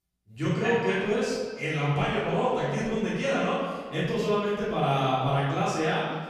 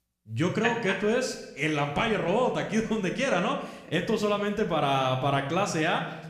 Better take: second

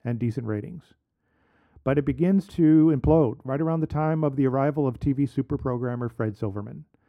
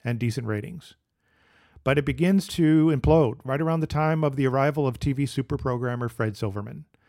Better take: second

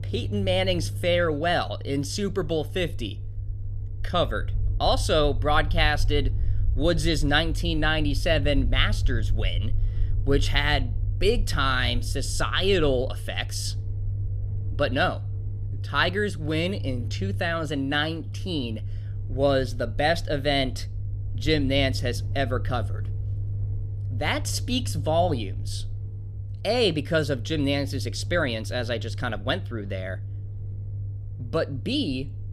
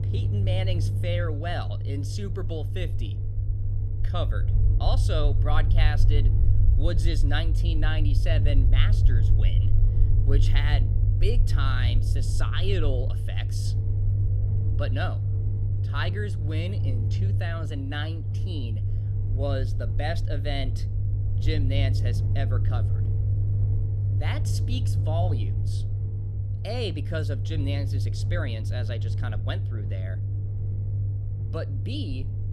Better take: first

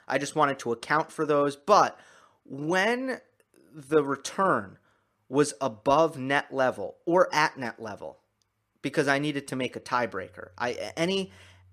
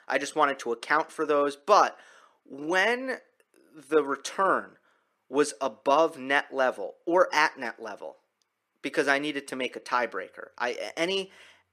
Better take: first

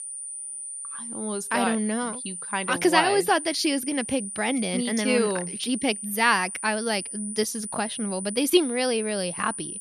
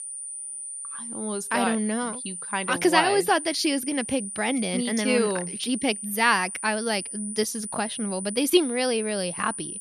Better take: neither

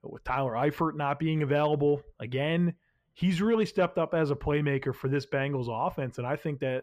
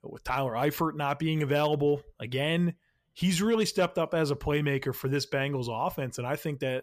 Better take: second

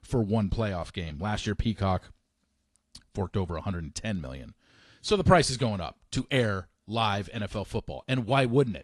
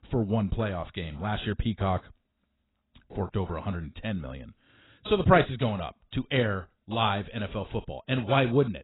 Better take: first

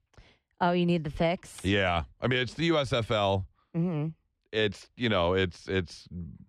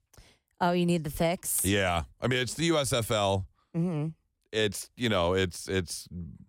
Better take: second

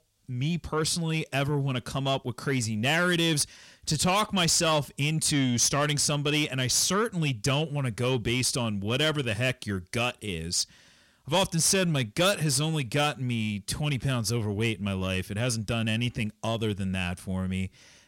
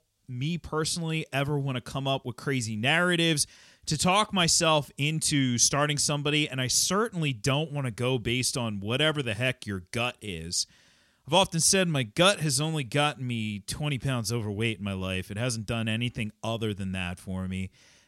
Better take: second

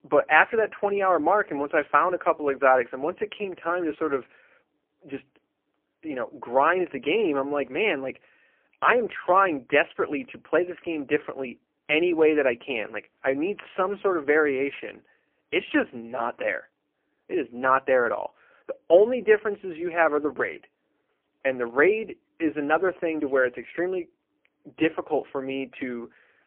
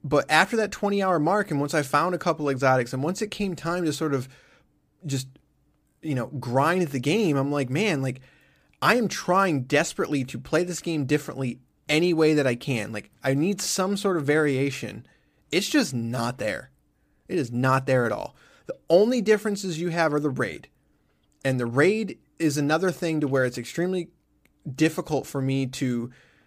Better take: second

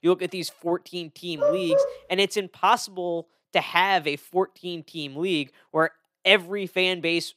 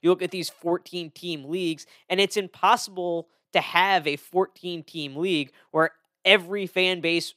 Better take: second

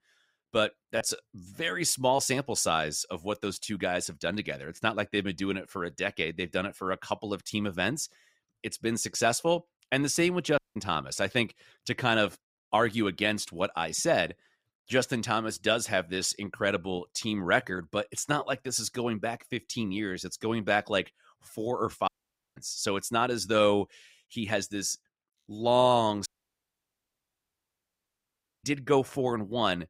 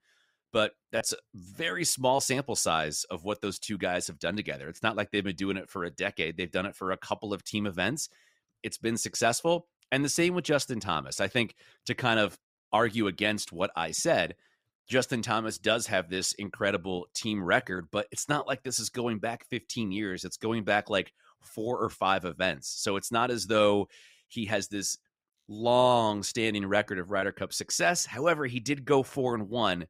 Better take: second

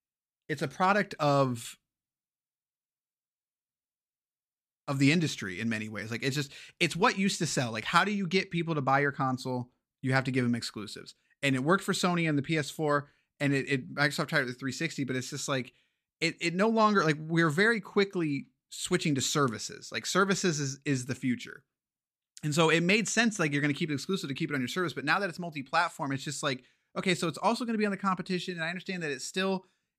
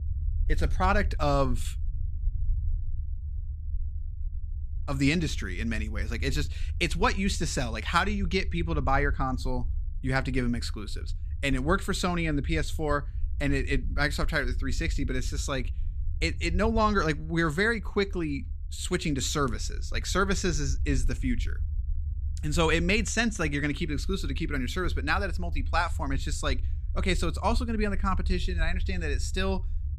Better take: first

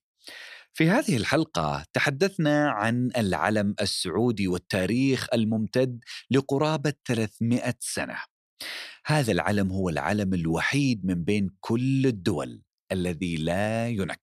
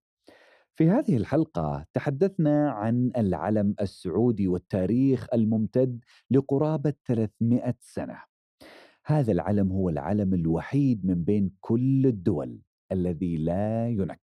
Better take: first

